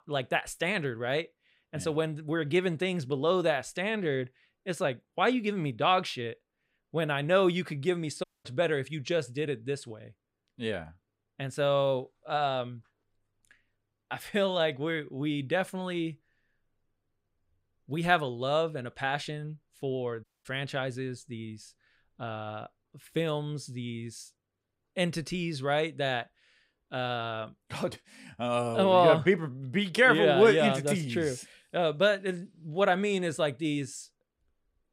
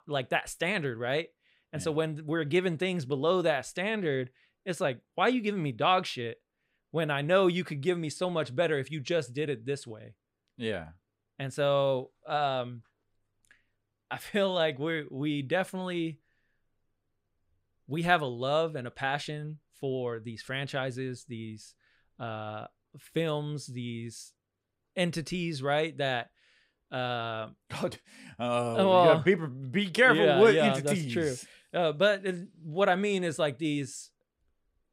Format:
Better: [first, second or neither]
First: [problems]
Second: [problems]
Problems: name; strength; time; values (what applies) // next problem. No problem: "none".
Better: second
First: audio cutting out; at 8 s and at 20 s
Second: none